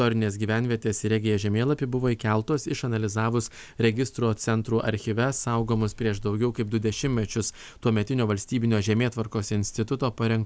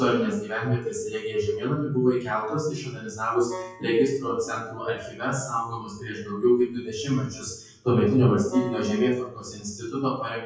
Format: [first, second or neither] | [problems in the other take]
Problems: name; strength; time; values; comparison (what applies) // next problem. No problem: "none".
first | noise reduction (classical method WPE with log-MMSE)